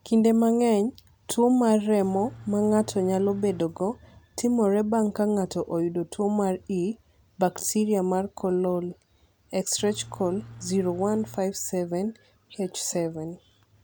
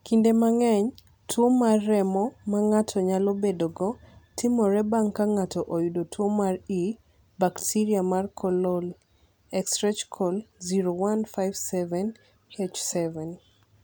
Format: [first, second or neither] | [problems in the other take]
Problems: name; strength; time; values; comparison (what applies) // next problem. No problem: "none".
second | background sound (Engine / Truck); 17 dB below the speech